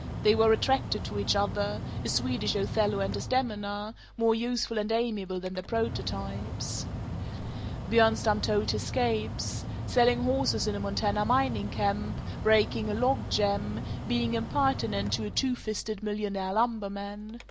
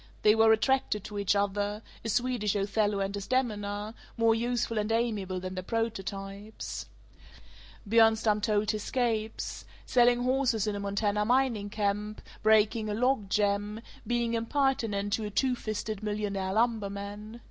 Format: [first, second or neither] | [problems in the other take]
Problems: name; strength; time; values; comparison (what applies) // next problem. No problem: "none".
second | background sound (Mechanical fan); 7 dB below the speech